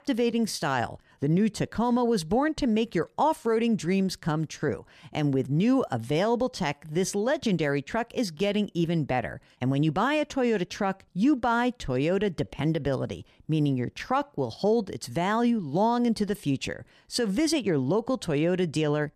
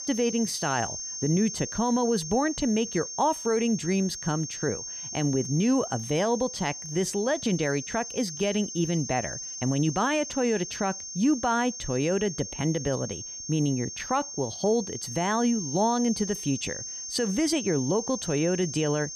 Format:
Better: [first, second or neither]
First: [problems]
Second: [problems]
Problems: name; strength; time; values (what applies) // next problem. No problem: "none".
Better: first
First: none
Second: high-pitched whine; loud; throughout; 6.5 kHz, 7 dB below the speech